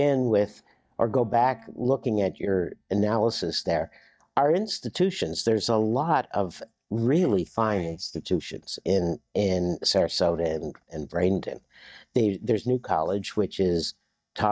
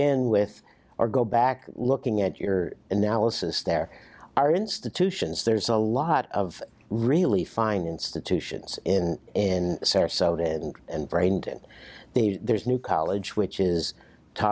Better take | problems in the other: second | noise reduction (neural mask model DeepFilterNet 3)

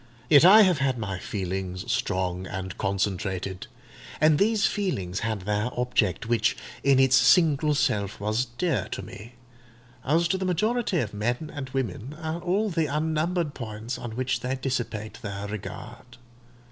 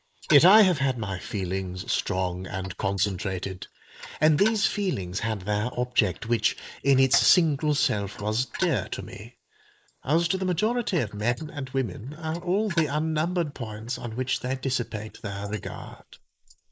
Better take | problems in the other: first | noise reduction (neural mask model Resemble Enhance denoiser)

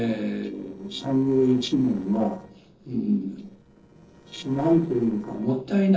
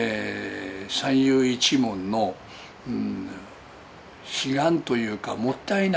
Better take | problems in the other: second | noise reduction (neural separator model SepFormer DNS4)

